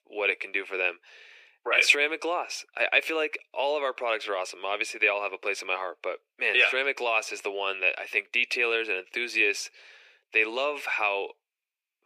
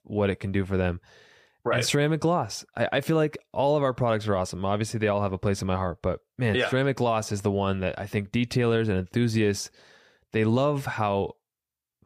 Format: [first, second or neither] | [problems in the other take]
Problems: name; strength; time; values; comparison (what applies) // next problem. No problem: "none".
second | thin; very; fading below 350 Hz